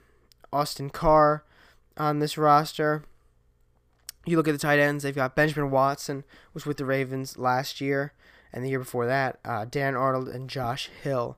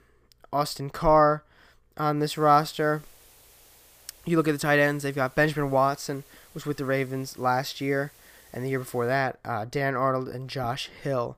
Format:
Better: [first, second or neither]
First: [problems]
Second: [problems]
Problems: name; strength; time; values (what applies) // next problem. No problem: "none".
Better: first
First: none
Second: hiss; faint; from 2 to 9 s; 25 dB below the speech